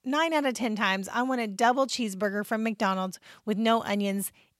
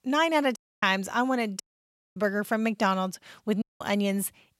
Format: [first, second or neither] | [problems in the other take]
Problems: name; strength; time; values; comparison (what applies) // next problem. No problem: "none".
first | audio cutting out; at 0.5 s, at 1.5 s for 0.5 s and at 3.5 s